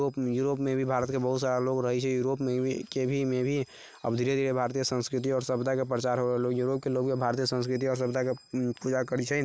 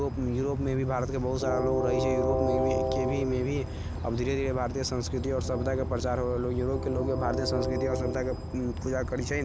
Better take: first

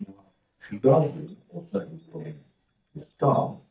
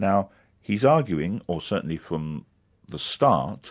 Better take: second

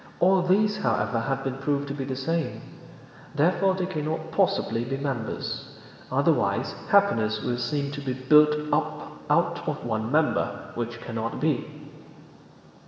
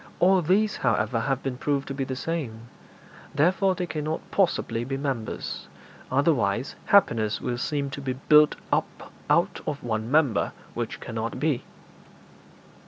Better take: second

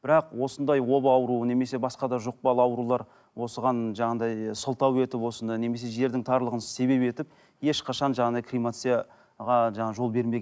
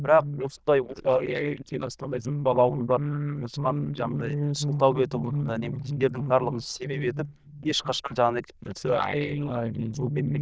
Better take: first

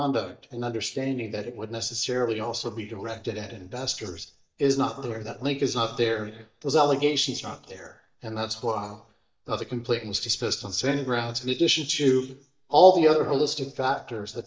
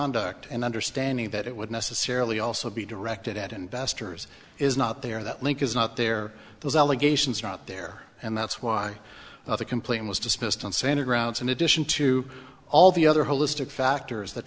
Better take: second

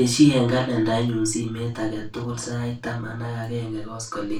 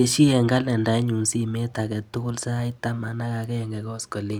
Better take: second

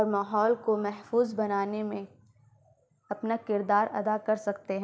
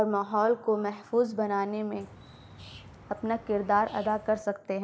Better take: first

